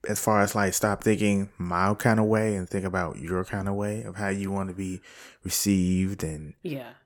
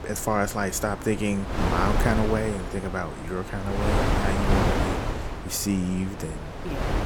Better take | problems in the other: first | wind noise on the microphone; heavy; 2 dB below the speech

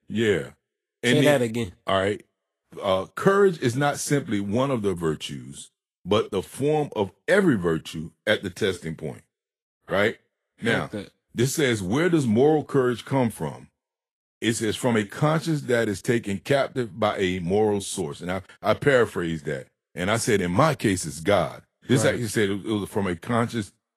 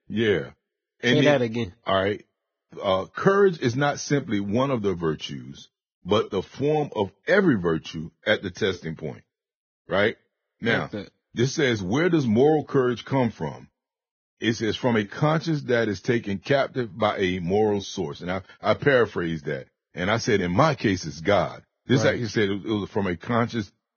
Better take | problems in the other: first | garbled, watery; badly; nothing above 6.5 kHz; slightly in the first

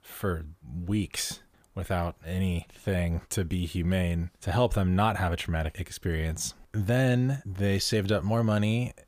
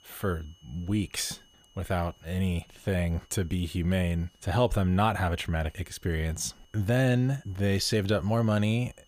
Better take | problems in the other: first | high-pitched whine; faint; throughout; 3 kHz, 30 dB below the speech

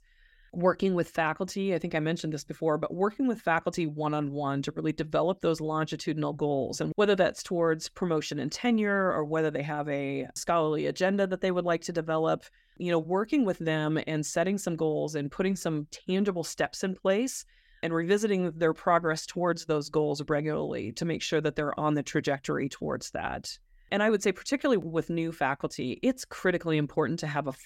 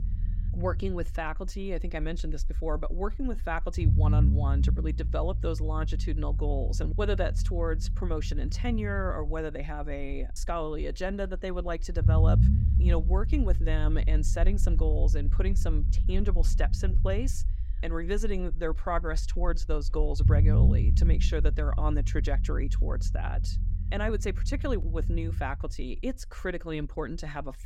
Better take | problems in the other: first | low rumble; loud; throughout; 9 dB below the speech

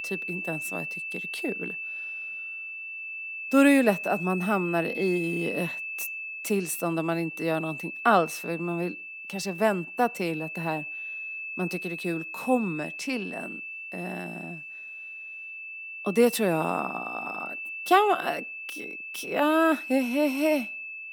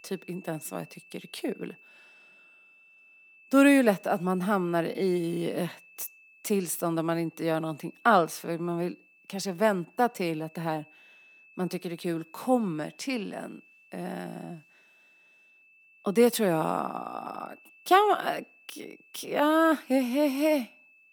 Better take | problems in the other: second | high-pitched whine; loud; throughout; 2.5 kHz, 8 dB below the speech; faint in the second

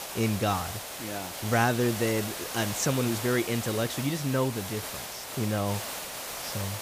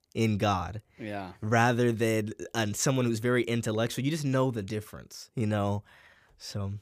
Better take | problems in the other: second | hiss; loud; throughout; 6 dB below the speech

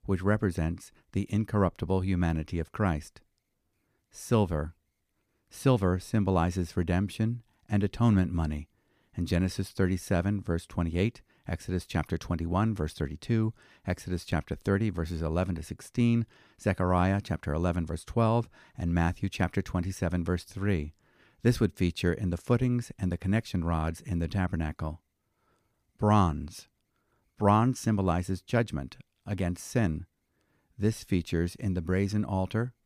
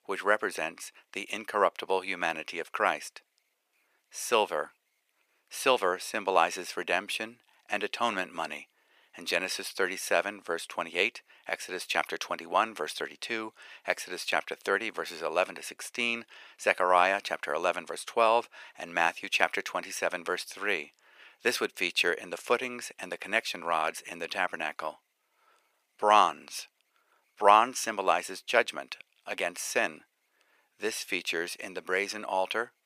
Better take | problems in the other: first | thin; very; fading below 550 Hz

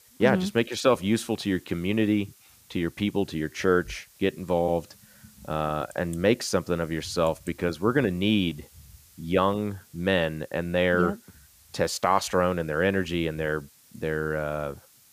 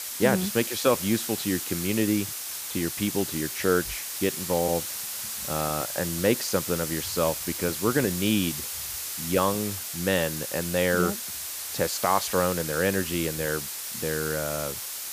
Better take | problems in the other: first | hiss; loud; throughout; 4 dB below the speech; faint in the first

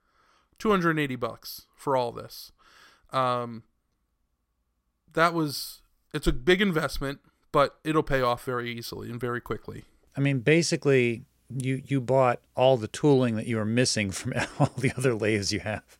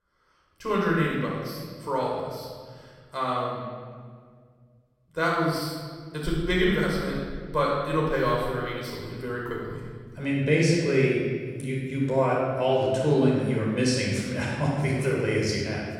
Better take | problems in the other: first | off-mic speech; far // room echo; strong; dies away in 1.7 s

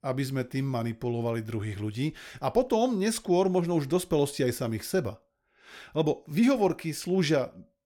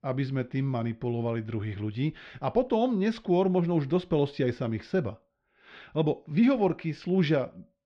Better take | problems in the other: first | muffled; slightly; fading above 4 kHz

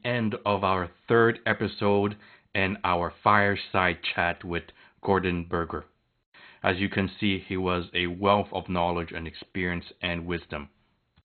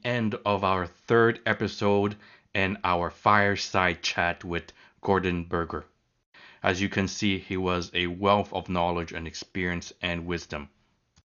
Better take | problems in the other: second | garbled, watery; badly; nothing above 4 kHz; slightly in the second

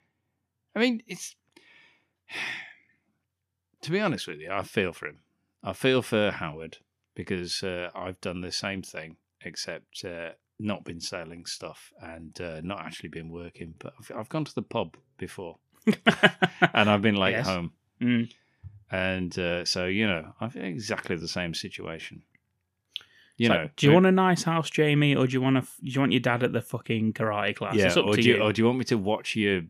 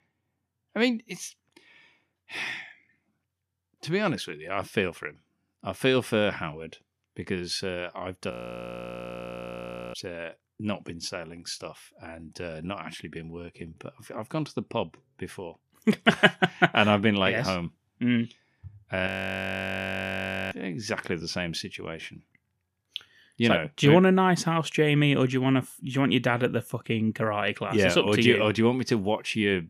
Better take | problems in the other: first | audio freezing; at 8.5 s for 1.5 s and at 19 s for 1.5 s

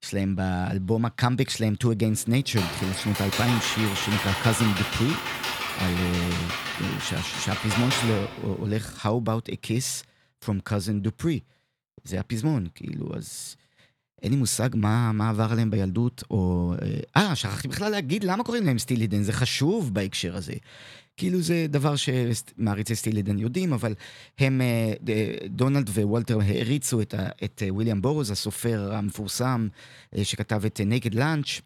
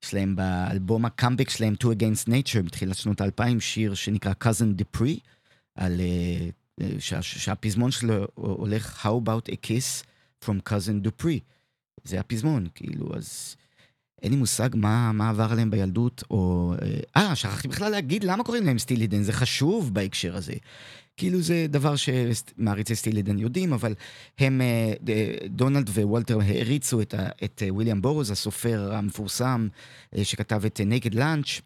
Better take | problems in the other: second | keyboard typing; noticeable; from 2.5 to 9 s; peak level with the speech

